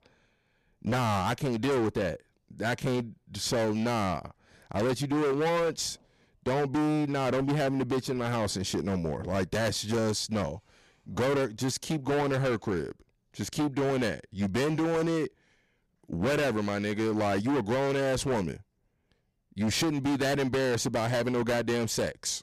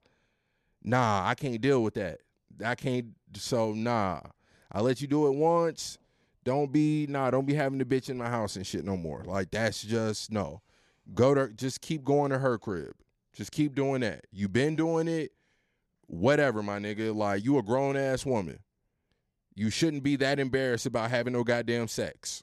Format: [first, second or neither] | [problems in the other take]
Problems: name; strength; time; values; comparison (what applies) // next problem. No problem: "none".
second | distortion; heavy; 21% of the sound clipped